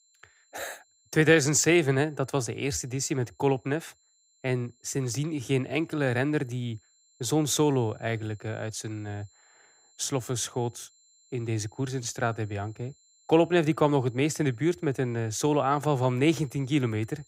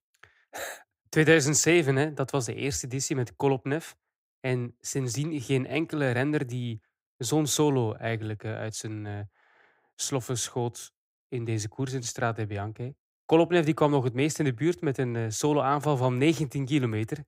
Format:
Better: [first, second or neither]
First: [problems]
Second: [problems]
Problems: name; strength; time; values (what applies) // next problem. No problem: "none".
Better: second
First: high-pitched whine; faint; throughout; 7.5 kHz, 35 dB below the speech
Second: none